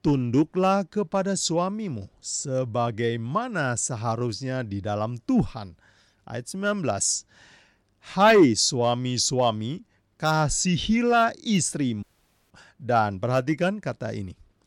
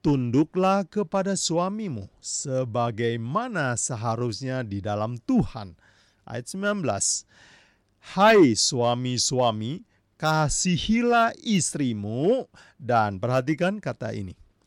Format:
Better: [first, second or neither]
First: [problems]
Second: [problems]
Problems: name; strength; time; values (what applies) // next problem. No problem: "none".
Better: second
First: audio cutting out; at 12 s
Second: none